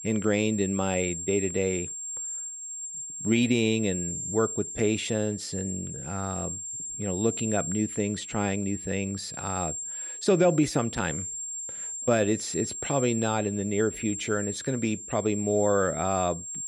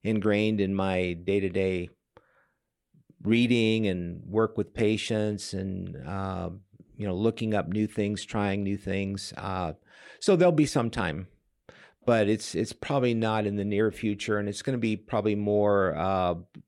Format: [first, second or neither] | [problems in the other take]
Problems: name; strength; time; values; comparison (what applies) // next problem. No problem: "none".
second | high-pitched whine; loud; throughout; 7.5 kHz, 6 dB below the speech